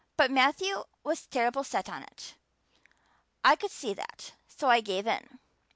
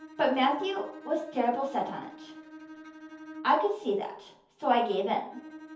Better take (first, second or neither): first